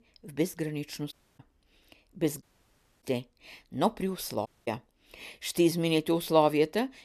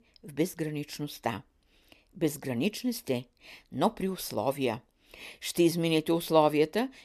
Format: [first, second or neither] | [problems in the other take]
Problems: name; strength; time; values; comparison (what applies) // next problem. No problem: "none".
second | audio cutting out; at 1 s, at 2.5 s for 0.5 s and at 4.5 s